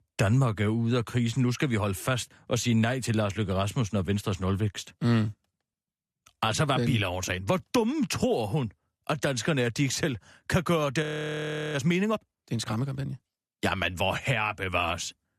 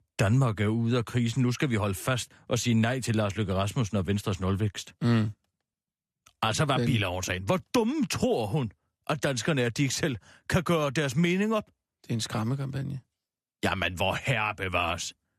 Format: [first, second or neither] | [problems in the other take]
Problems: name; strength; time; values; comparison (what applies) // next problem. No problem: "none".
second | audio freezing; at 11 s for 0.5 s